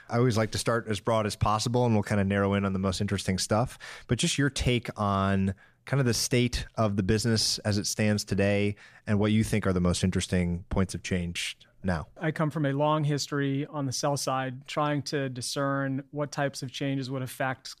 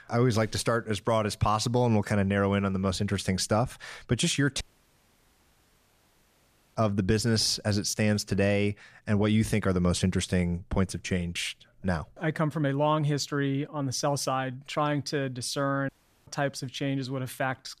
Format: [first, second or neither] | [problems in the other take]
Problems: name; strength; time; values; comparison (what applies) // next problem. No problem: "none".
first | audio cutting out; at 4.5 s for 2 s and at 16 s